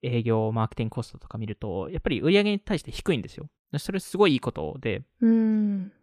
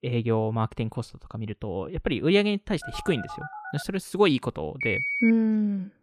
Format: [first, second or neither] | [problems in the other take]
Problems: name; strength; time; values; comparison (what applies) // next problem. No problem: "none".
first | phone ringing; faint; from 3 to 4 s; peak 10 dB below the speech // phone ringing; loud; at 5 s; peak 1 dB above the speech